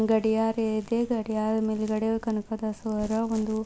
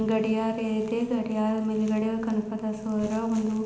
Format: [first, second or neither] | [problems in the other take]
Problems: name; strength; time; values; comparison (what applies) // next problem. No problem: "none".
first | room echo; dies away in 0.9 s